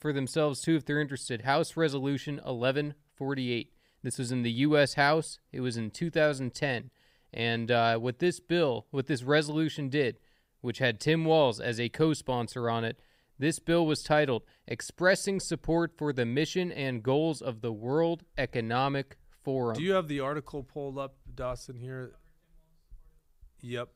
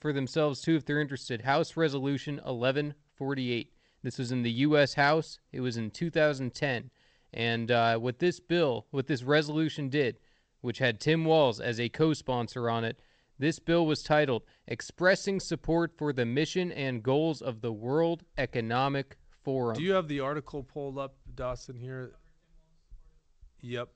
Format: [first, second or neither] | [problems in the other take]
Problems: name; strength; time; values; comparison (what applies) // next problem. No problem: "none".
first | garbled, watery; slightly; nothing above 8 kHz